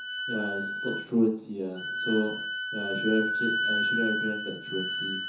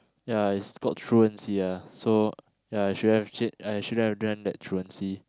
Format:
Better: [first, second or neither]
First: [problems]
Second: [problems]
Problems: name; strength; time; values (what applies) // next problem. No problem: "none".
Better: second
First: background sound (Wind instrument, woodwind instrument); 1 dB below the speech // room echo; dies away in 0.6 s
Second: none